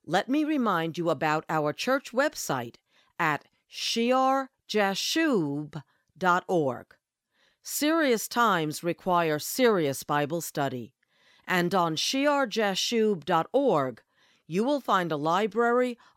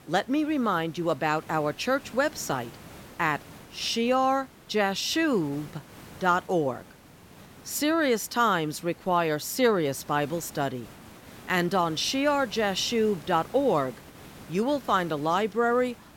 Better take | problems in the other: first | hiss; faint; throughout; 20 dB below the speech

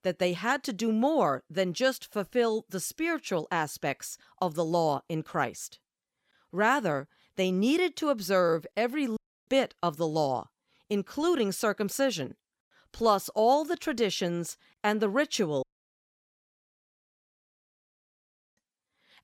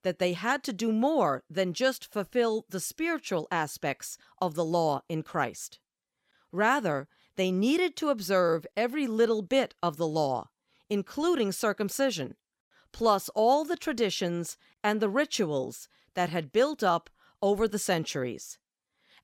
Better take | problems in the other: second | audio cutting out; at 9 s and at 16 s for 3 s

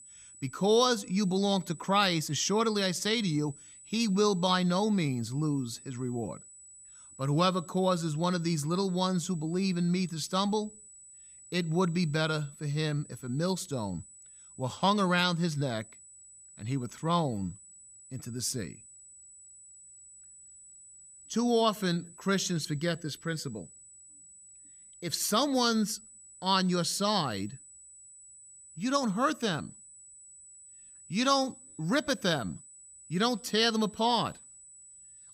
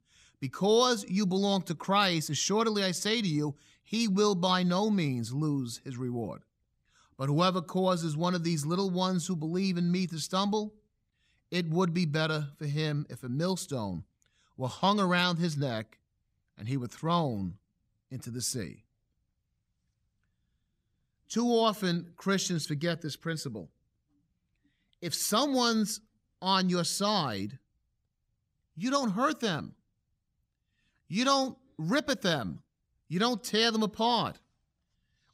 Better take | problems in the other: second | high-pitched whine; faint; throughout; 8 kHz, 20 dB below the speech

